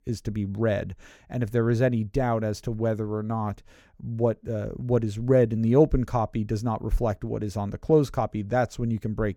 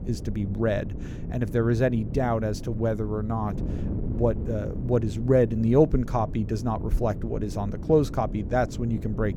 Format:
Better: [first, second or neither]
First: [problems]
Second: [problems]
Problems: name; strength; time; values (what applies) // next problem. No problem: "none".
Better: first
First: none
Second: wind noise on the microphone; occasional gusts; 15 dB below the speech